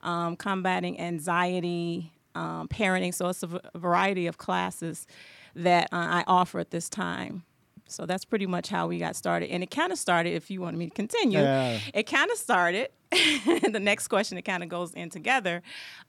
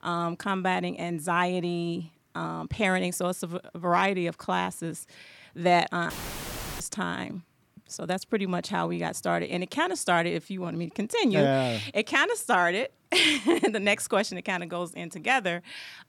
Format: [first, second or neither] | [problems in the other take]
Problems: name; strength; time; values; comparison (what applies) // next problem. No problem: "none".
first | audio cutting out; filled with static; at 6 s for 0.5 s